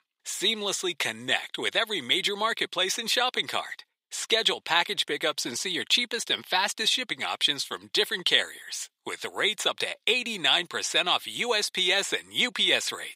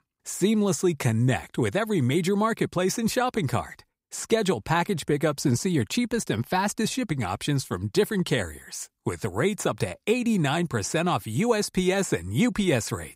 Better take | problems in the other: second | thin; very; fading below 500 Hz

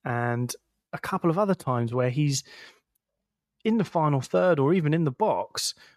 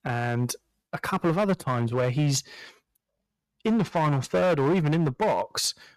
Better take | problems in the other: first | distortion; slight; 10% of the sound clipped

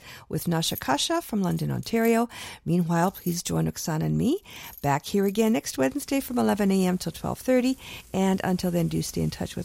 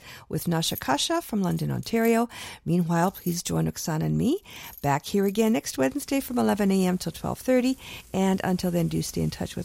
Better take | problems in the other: neither | household noises; faint; throughout; 20 dB below the speech; the same in both

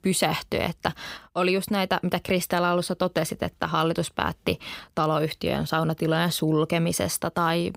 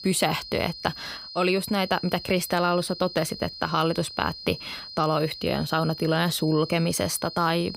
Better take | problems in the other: first | high-pitched whine; noticeable; throughout; 4 kHz, 10 dB below the speech

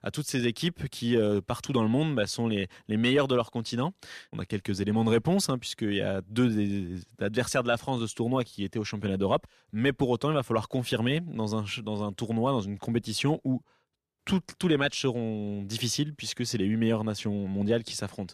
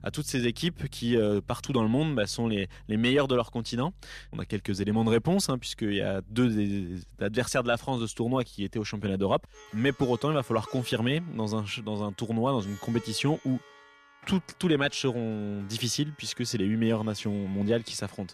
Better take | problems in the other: first | background music; faint; throughout; 25 dB below the speech

